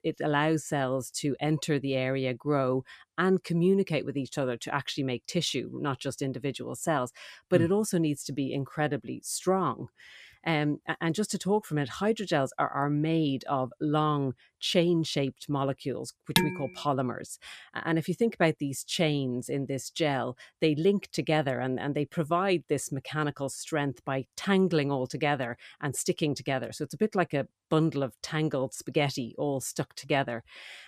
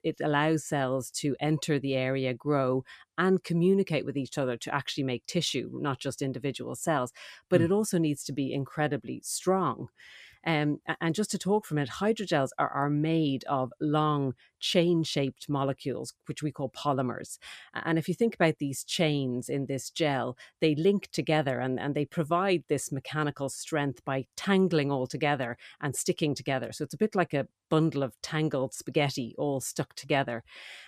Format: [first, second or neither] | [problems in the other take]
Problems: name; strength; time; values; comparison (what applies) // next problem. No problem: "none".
second | clattering dishes; loud; at 16 s; peak 2 dB above the speech